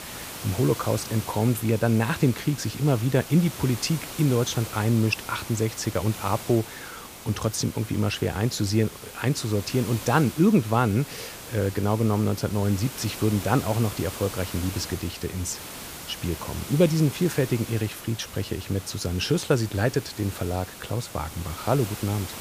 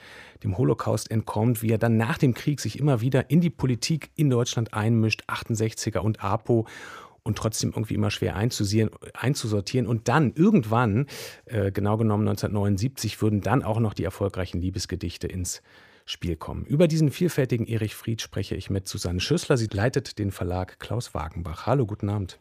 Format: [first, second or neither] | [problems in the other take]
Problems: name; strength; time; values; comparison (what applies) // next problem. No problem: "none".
second | hiss; noticeable; throughout; 10 dB below the speech